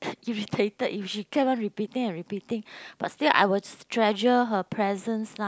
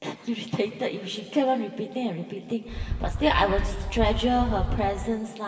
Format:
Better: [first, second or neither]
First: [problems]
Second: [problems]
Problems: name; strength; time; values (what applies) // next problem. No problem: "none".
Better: first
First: none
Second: background sound (Wind); 2 dB below the speech // room echo; dies away in 2.8 s